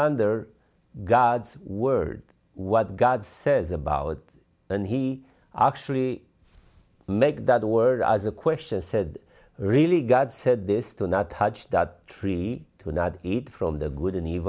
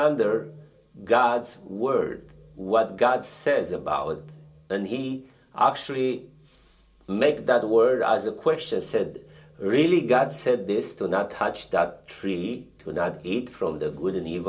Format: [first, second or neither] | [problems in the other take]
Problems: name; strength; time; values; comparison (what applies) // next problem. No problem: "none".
first | room echo; dies away in 0.2 s